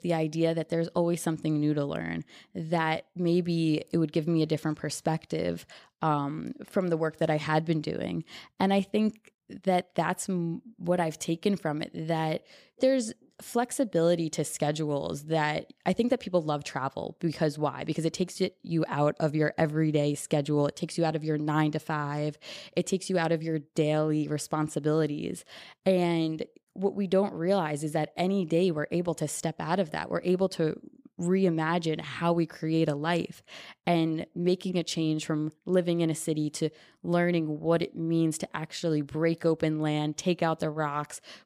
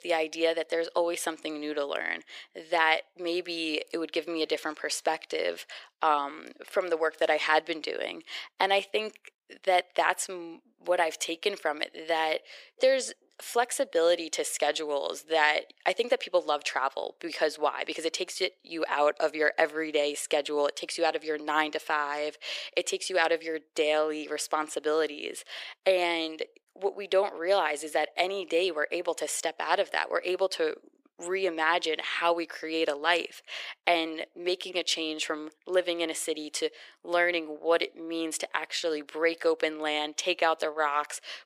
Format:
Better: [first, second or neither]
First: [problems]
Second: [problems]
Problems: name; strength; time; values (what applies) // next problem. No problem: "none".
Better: first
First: none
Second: thin; very; fading below 400 Hz